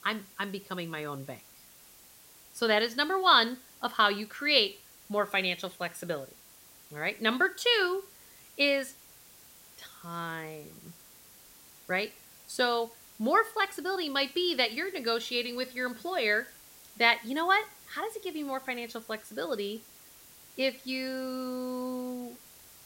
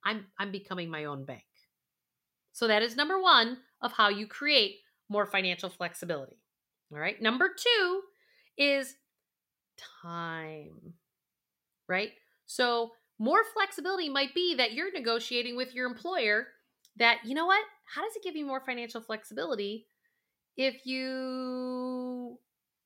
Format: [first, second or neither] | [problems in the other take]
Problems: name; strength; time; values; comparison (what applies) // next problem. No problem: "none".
second | hiss; faint; throughout; 20 dB below the speech